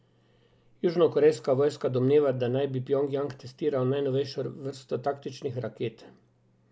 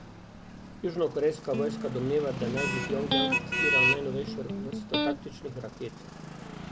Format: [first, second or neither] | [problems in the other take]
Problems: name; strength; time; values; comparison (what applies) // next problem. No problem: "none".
first | background sound (Motor vehicle (road) + Electric guitar); 2 dB above the speech